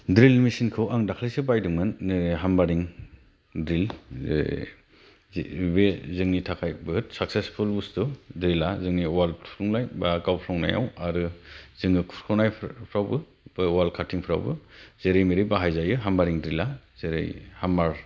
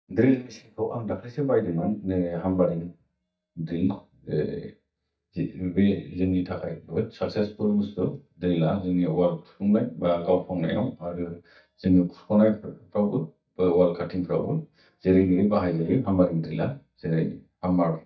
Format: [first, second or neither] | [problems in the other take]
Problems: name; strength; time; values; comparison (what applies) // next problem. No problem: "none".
first | noise reduction (neural mask model DeepFilterNet 3)